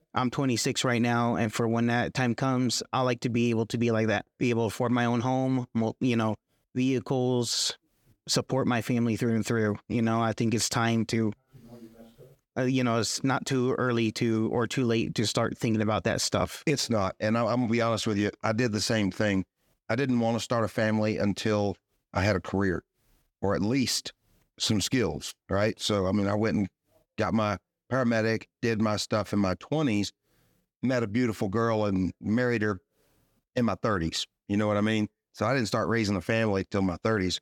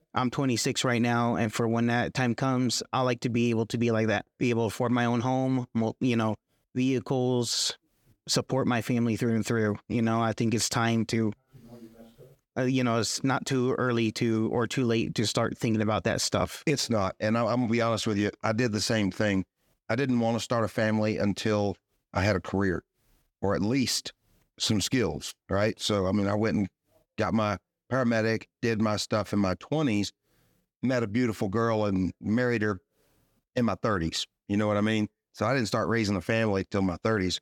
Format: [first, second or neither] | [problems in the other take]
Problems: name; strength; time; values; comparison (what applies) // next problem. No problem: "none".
neither | none